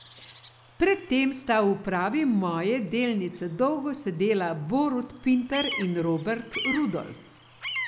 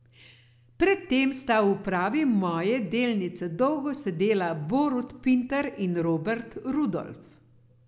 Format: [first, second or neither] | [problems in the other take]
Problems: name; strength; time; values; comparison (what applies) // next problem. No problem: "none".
second | background sound (Bird vocalization, bird call, bird song); 13 dB below the speech